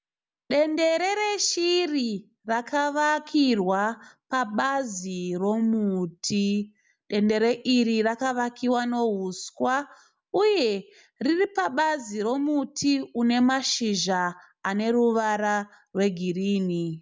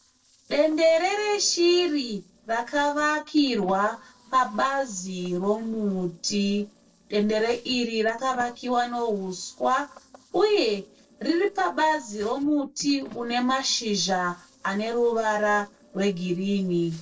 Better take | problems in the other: first | noise reduction (neural separator model SepFormer DNS4)

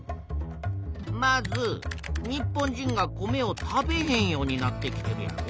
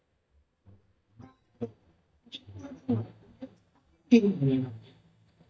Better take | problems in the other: first | noise reduction (neural mask model DeepFilterNet 3)

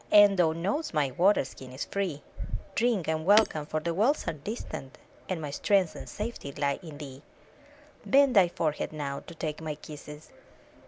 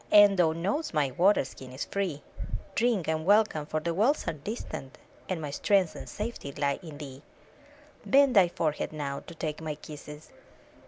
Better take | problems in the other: second | background sound (Shatter); 9 dB below the speech

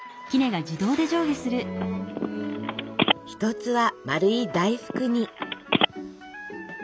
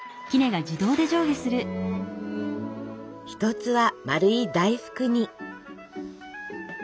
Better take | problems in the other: second | background sound (Telephone); 3 dB below the speech

